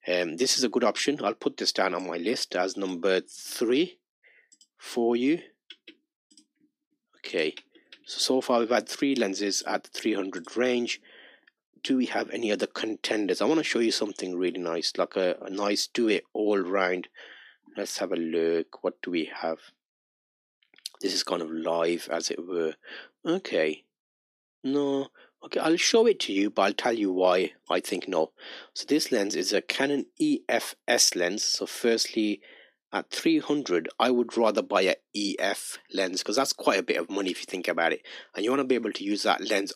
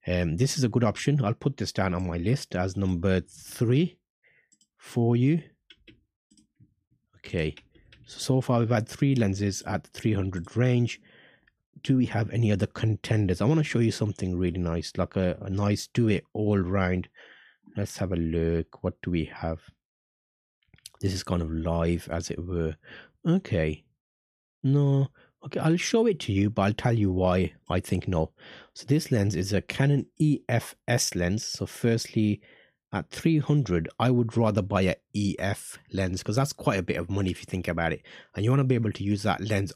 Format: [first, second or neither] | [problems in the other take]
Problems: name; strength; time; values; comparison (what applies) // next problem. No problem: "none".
second | thin; somewhat; fading below 250 Hz